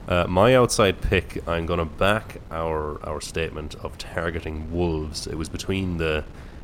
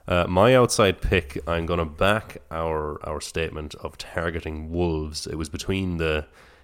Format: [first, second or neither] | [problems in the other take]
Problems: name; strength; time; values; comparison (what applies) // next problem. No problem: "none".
second | wind noise on the microphone; occasional gusts; 25 dB below the speech